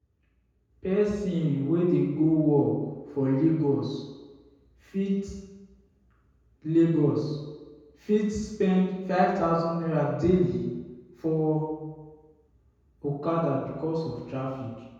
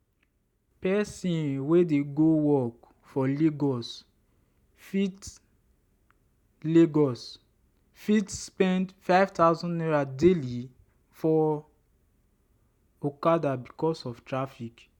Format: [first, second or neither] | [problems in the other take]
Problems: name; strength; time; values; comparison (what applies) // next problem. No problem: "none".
second | room echo; dies away in 1.2 s